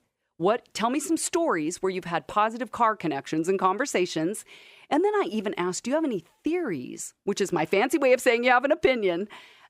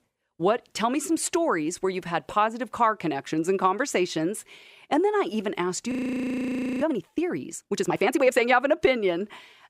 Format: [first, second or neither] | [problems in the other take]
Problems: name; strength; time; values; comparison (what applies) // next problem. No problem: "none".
first | audio freezing; at 6 s for 1 s